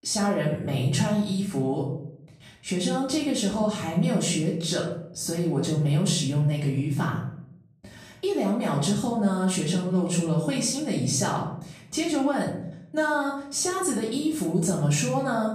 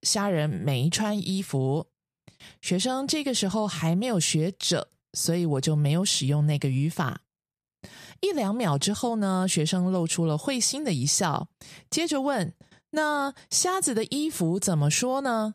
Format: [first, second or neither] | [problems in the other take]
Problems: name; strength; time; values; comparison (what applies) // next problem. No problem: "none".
second | room echo; noticeable; dies away in 0.6 s // off-mic speech; far